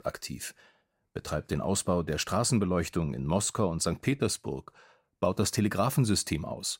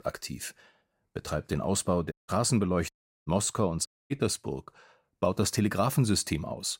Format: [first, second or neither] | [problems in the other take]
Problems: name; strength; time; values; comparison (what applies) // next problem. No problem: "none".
first | audio cutting out; at 2 s, at 3 s and at 4 s